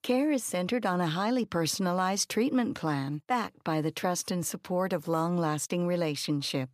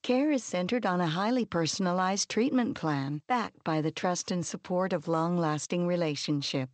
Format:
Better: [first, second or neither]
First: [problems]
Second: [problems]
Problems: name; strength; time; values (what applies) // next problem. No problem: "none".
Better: first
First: none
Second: garbled, watery; slightly; nothing above 7.5 kHz